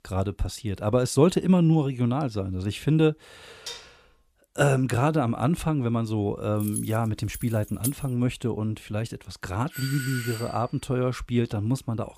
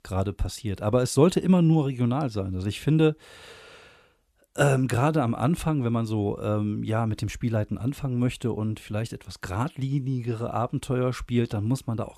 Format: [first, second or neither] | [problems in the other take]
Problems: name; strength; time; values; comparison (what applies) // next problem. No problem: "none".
second | clattering dishes; faint; at 3.5 s; peak 10 dB below the speech // jangling keys; noticeable; from 6.5 to 8 s; peak 7 dB below the speech // doorbell; noticeable; at 9.5 s; peak 8 dB below the speech